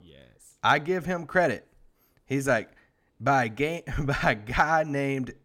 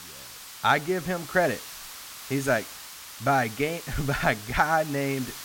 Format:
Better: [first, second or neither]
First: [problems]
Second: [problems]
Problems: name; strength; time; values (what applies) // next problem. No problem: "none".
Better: first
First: none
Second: hiss; noticeable; throughout; 15 dB below the speech